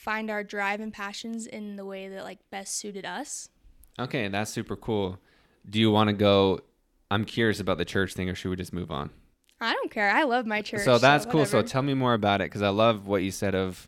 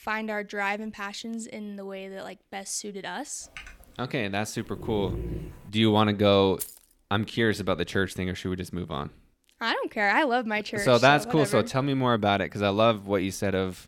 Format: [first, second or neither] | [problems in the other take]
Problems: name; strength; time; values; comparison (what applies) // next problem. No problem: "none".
first | keyboard typing; faint; at 3.5 s; peak 20 dB below the speech // dog barking; noticeable; from 4.5 to 5.5 s; peak 8 dB below the speech // jangling keys; faint; at 6.5 s; peak 10 dB below the speech